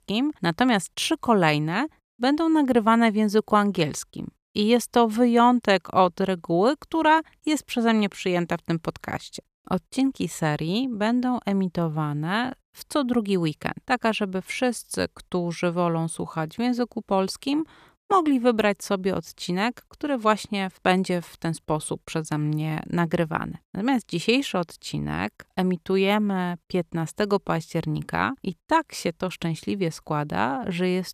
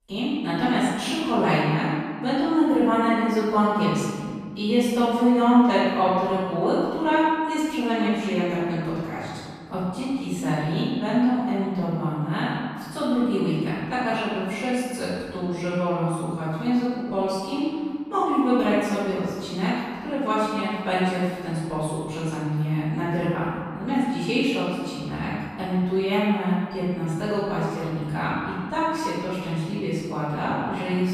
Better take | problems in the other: first | room echo; strong; dies away in 1.7 s // off-mic speech; far

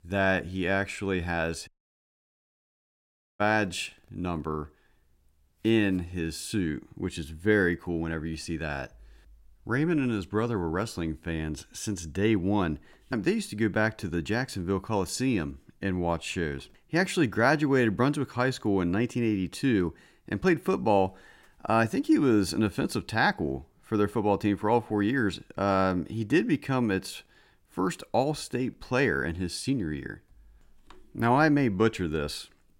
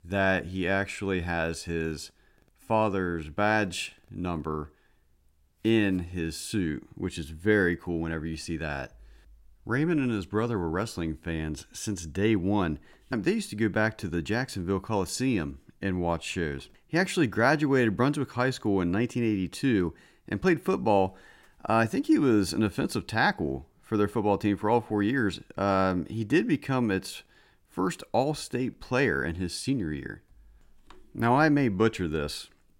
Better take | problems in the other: second | audio cutting out; at 1.5 s for 1.5 s

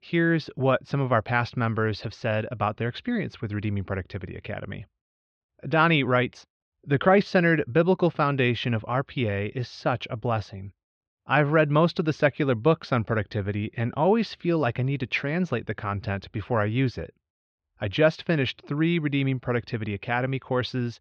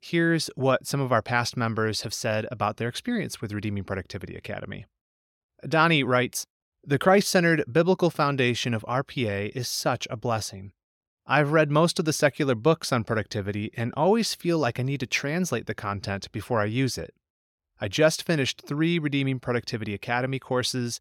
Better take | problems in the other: second | muffled; slightly; fading above 3.5 kHz

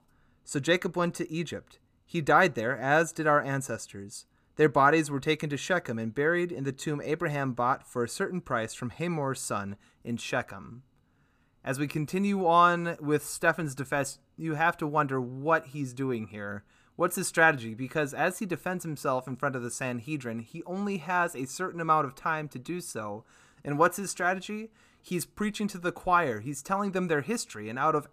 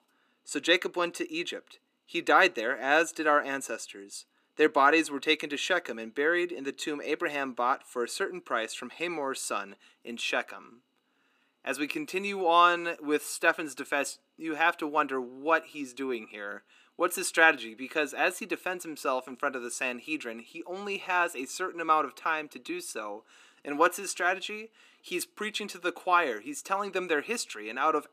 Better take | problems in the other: first | thin; somewhat; fading below 300 Hz

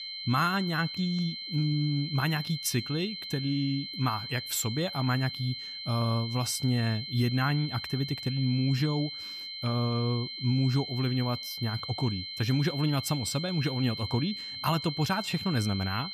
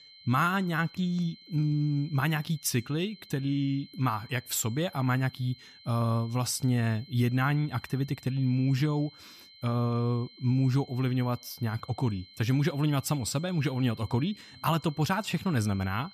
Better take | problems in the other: second | high-pitched whine; loud; throughout; 4 kHz, 6 dB below the speech; faint in the second

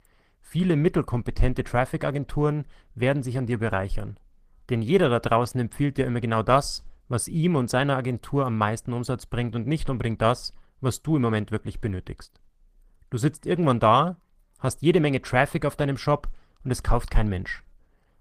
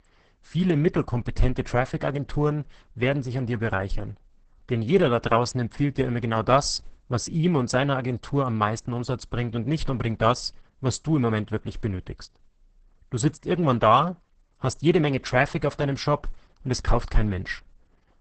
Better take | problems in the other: first | garbled, watery; badly; nothing above 8 kHz; slightly in the first

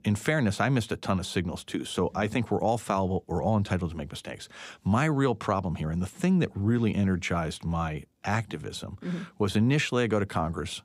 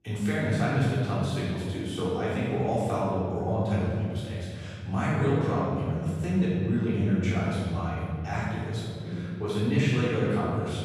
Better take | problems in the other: first | room echo; strong; dies away in 2.3 s // off-mic speech; far

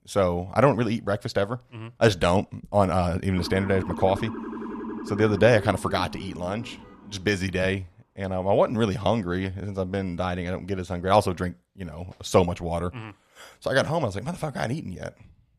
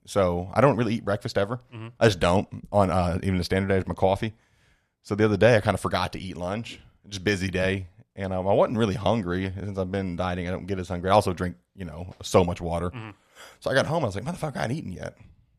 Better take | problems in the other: second | siren; noticeable; from 3.5 to 7 s; peak 9 dB below the speech

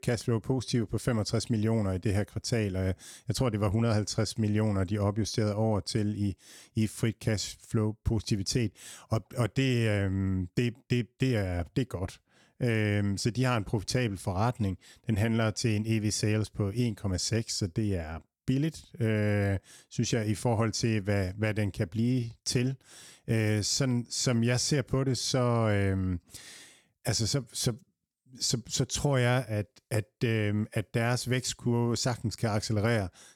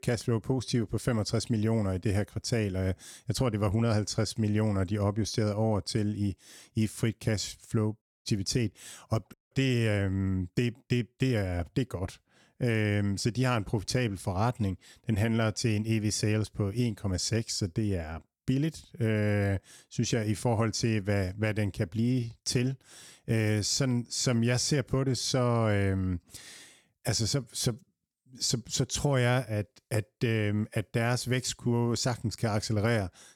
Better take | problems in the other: first | audio cutting out; at 8 s and at 9.5 s

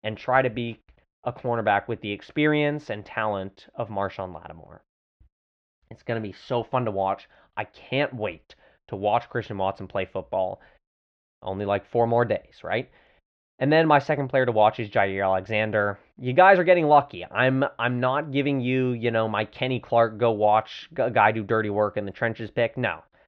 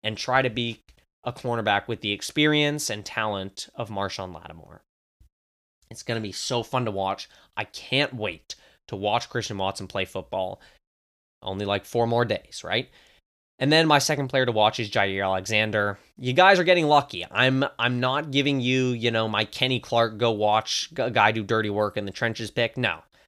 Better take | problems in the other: second | muffled; very; fading above 2.5 kHz

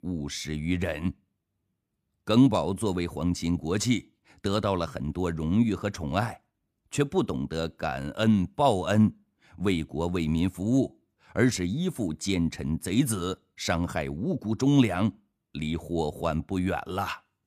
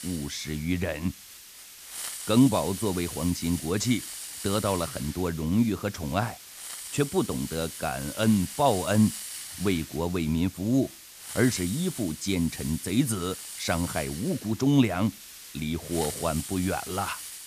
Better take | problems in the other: first | hiss; loud; throughout; 10 dB below the speech

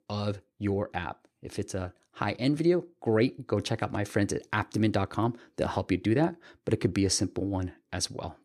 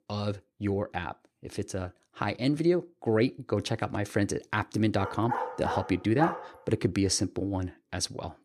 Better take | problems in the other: first | dog barking; noticeable; from 5 to 6.5 s; peak 3 dB below the speech

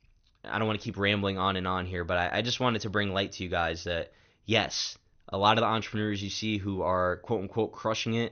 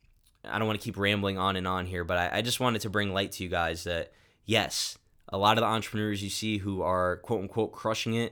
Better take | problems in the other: second | garbled, watery; slightly; nothing above 6.5 kHz

